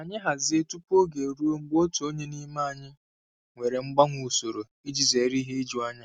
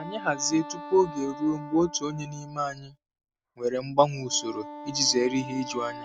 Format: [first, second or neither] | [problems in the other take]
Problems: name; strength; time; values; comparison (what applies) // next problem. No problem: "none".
first | background sound (Wind instrument, woodwind instrument); 14 dB below the speech